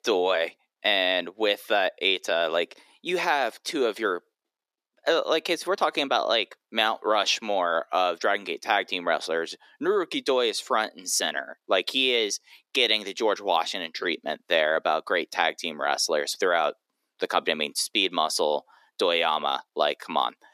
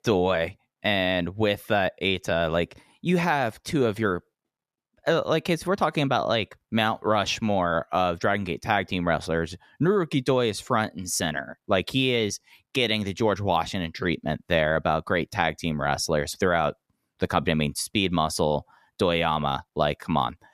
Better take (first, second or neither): second